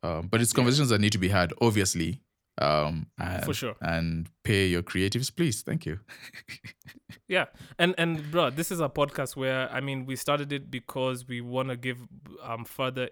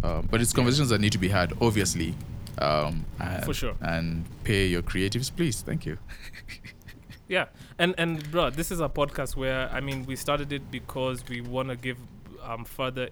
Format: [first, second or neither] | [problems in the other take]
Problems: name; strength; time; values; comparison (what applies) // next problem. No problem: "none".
first | wind noise on the microphone; occasional gusts; 20 dB below the speech